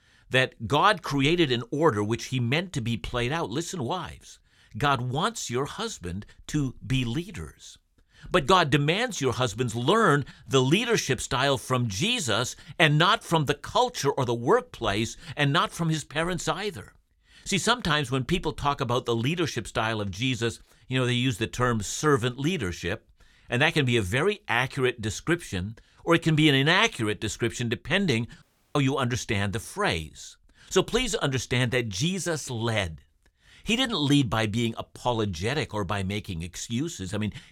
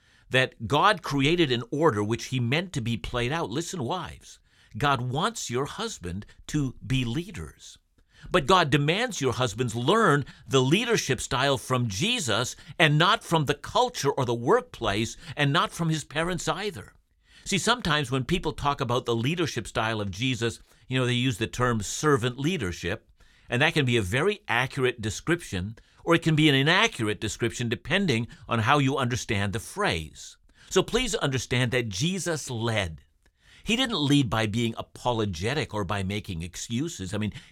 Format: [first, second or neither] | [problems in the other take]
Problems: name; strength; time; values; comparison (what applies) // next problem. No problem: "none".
second | audio cutting out; at 28 s